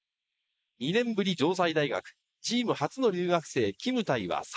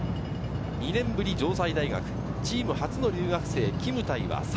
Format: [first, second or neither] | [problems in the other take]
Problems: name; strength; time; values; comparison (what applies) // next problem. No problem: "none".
second | noise reduction (neural mask model Resemble Enhance denoiser)